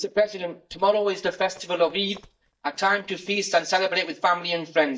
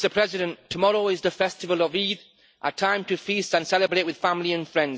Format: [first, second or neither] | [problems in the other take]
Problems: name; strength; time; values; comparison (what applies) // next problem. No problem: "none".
second | noise reduction (neural mask model DeepFilterNet 3)